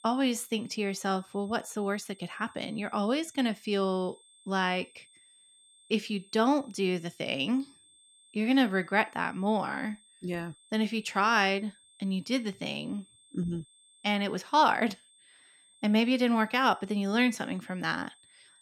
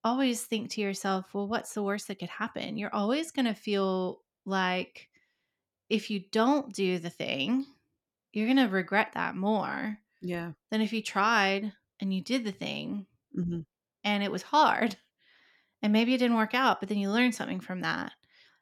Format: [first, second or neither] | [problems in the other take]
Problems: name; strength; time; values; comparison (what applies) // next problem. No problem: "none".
second | high-pitched whine; faint; throughout; 8.5 kHz, 30 dB below the speech